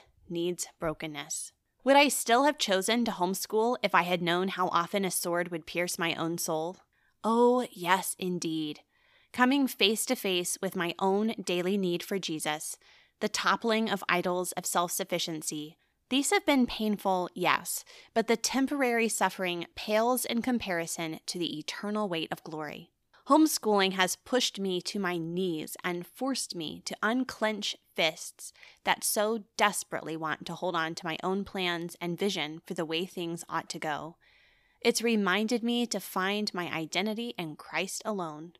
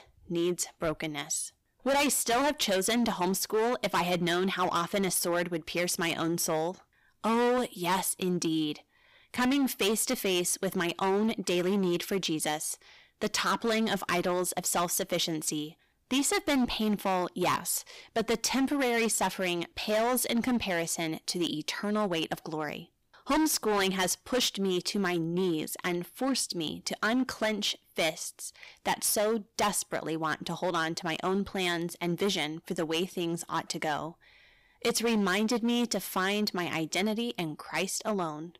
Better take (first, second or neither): first